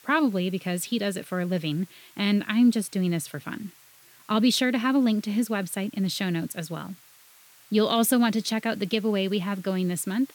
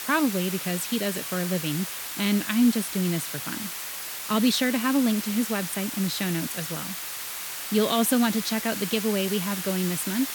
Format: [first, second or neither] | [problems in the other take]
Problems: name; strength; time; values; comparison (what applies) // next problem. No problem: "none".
first | hiss; loud; throughout; 5 dB below the speech; faint in the first